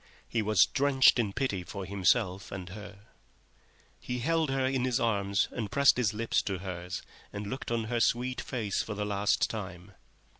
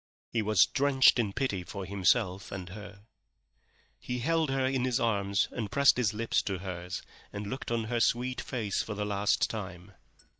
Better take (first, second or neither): first